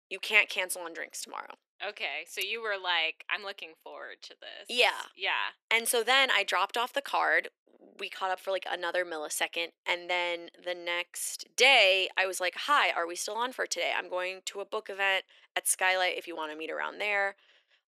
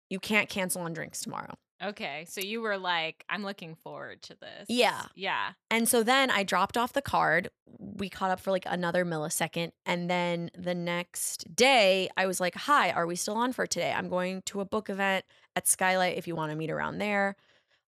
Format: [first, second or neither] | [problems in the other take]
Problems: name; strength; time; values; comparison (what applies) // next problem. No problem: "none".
second | thin; very; fading below 300 Hz